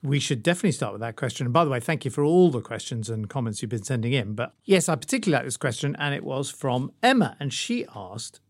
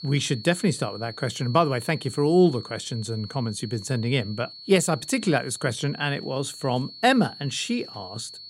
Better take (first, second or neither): first